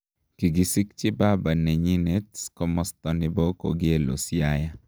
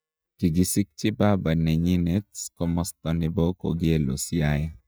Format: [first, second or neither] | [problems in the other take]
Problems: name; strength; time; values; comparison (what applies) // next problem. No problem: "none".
first | noise reduction (neural mask model DeepFilterNet 3)